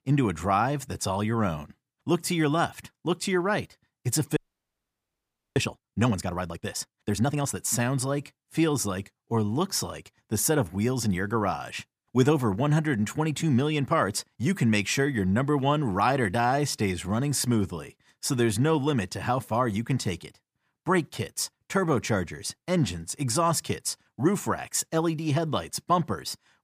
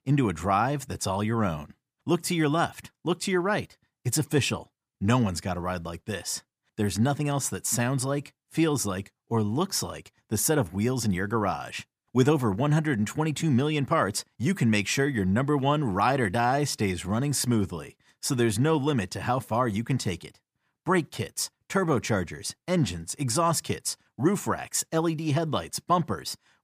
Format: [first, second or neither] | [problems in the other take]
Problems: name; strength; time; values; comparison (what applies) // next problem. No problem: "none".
second | audio freezing; at 4.5 s for 1 s